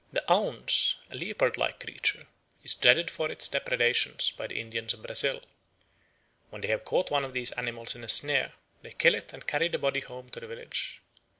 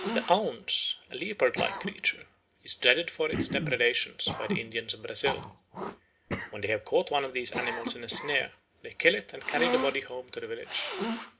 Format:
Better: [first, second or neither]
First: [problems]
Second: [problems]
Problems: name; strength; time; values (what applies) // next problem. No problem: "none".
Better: first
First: none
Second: background sound (Cough); 7 dB below the speech // room echo; dies away in 0.3 s